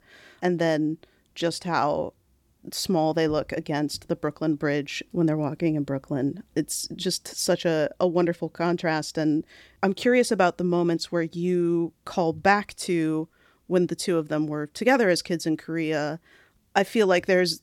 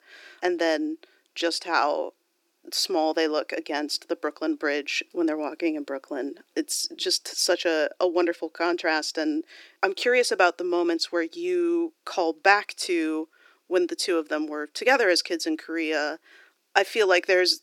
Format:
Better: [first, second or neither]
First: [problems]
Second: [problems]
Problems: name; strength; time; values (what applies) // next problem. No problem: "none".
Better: first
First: none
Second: thin; somewhat; fading below 300 Hz